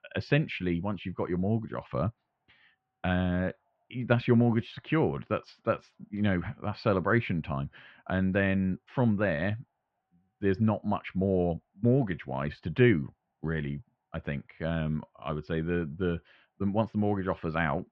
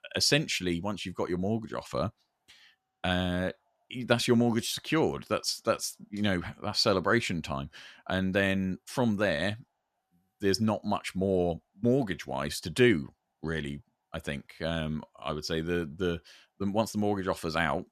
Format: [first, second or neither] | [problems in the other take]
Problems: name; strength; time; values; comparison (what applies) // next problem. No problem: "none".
second | muffled; very; fading above 2.5 kHz